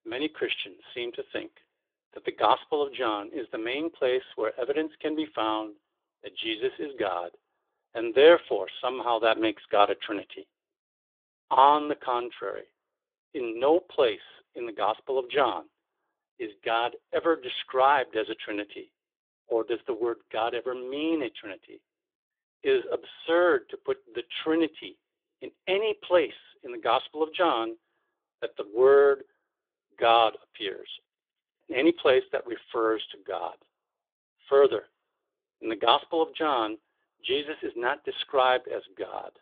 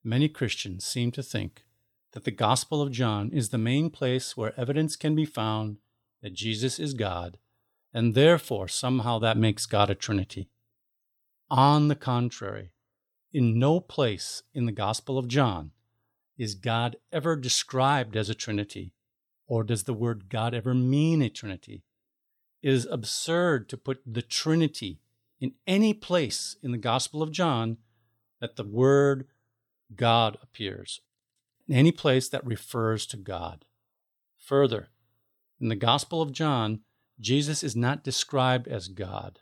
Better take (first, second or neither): second